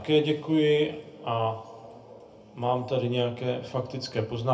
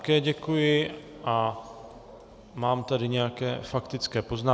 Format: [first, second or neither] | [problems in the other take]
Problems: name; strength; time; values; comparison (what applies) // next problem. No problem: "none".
second | room echo; dies away in 0.3 s